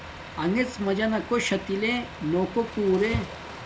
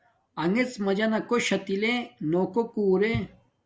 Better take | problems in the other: second | background sound (Truck + Waves, surf); 13 dB below the speech

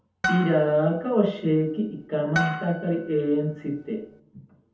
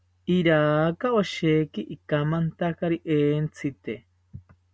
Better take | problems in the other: second | background sound (Harp); 9 dB below the speech // room echo; dies away in 0.6 s

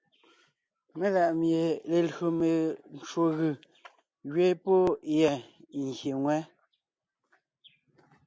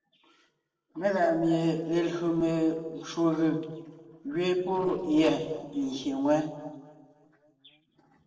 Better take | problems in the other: first | noise reduction (neural separator model SepFormer DNS4)

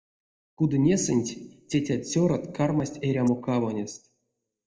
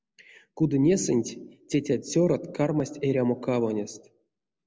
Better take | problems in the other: second | noise reduction (neural mask model DeepFilterNet 3)

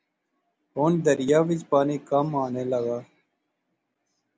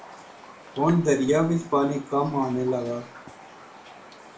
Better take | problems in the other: first | background sound (Raindrop); 19 dB below the speech // room echo; dies away in 0.4 s

